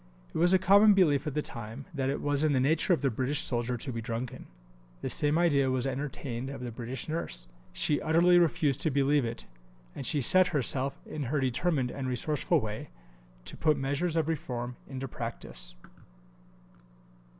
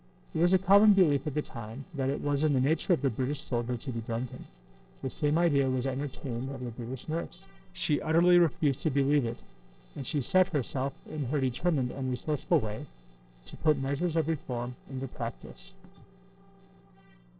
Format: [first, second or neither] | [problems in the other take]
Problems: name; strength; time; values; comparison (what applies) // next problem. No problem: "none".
first | noise reduction (neural separator model SepFormer DNS4)